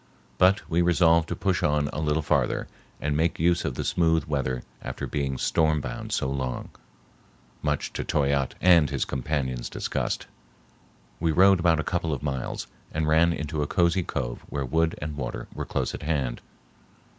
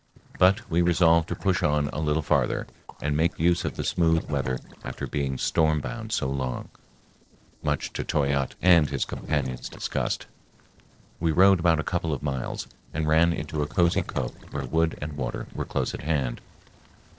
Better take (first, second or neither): first